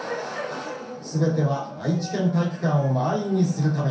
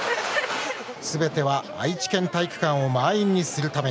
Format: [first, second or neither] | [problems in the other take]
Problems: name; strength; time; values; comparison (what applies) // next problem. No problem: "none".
second | room echo; dies away in 0.6 s